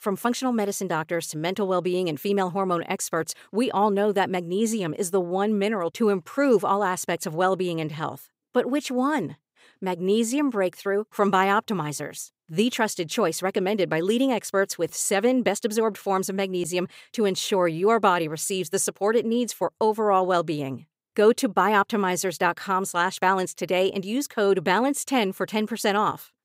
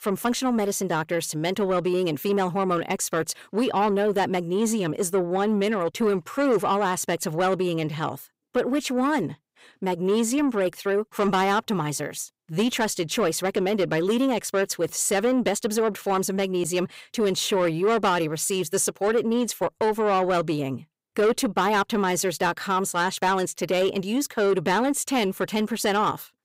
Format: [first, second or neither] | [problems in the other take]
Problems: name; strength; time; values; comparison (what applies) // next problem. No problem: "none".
first | distortion; slight; 10 dB below the speech